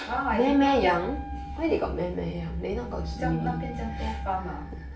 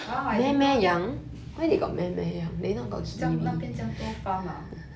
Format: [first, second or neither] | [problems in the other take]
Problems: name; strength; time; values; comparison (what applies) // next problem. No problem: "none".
second | background sound (Wind instrument, woodwind instrument); 17 dB below the speech // room echo; dies away in 0.3 s